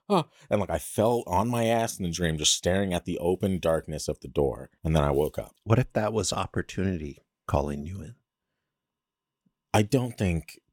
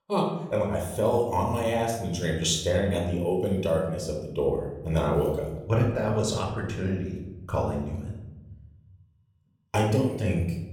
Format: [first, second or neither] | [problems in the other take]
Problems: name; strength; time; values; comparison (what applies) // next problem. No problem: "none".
first | off-mic speech; somewhat distant // room echo; noticeable; dies away in 1 s